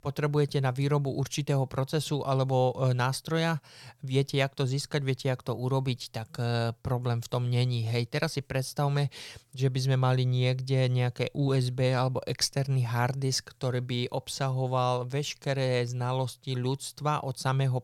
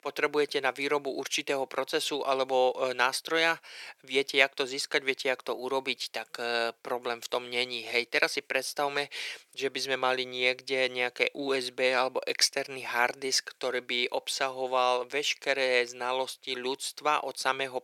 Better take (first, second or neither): first